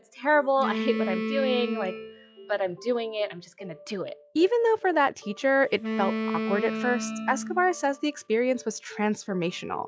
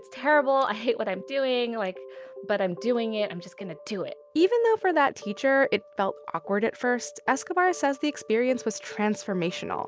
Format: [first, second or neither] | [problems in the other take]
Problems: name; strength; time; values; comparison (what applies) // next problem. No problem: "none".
second | noise reduction (classical method log-MMSE)